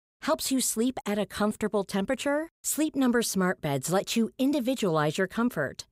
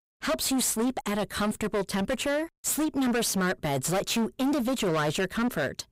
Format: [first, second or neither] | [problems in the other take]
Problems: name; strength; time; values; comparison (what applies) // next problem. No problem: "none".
first | distortion; heavy; 23% of the sound clipped